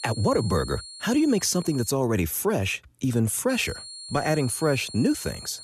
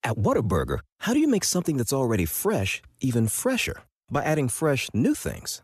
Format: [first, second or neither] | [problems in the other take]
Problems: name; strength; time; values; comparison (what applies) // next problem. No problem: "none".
second | high-pitched whine; noticeable; until 2 s and from 3.5 s on; 4.5 kHz, 15 dB below the speech